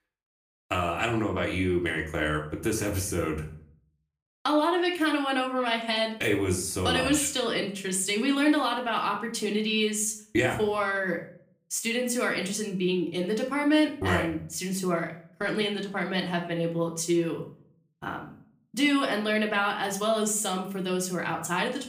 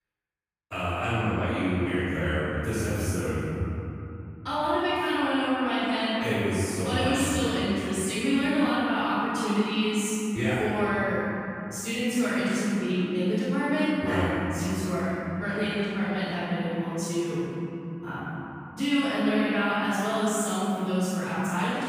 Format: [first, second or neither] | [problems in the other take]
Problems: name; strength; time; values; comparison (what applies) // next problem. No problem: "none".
first | room echo; strong; dies away in 3 s; slight in the first // off-mic speech; far; far in the first